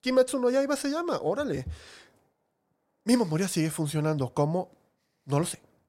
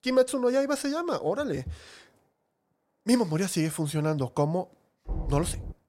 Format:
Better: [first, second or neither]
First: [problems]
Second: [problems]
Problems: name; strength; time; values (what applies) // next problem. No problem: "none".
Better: first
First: none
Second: door banging; noticeable; at 5 s; peak 7 dB below the speech